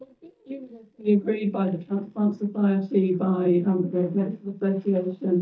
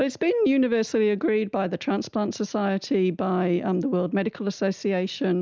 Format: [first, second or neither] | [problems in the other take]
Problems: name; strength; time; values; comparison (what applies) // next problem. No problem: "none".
second | noise reduction (neural mask model DeepFilterNet 3)